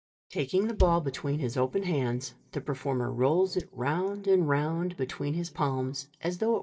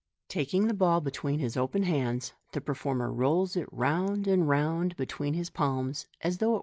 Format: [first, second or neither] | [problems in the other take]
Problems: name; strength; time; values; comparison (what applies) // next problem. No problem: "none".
second | noise reduction (neural mask model DeepFilterNet 3)